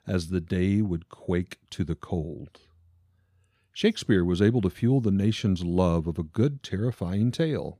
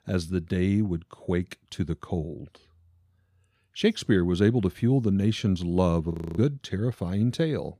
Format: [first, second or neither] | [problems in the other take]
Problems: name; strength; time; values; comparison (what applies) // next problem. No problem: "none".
first | audio freezing; at 6 s